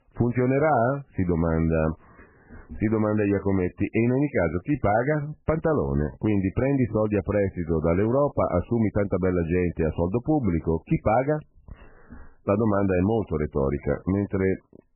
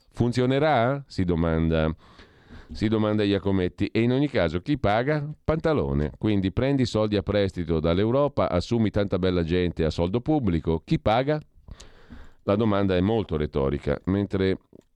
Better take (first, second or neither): second